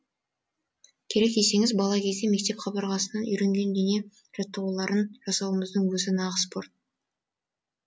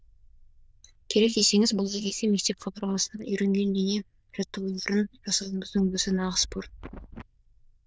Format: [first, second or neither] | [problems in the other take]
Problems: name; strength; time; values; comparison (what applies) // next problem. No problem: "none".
first | noise reduction (neural diffusion model UNIVERSE++)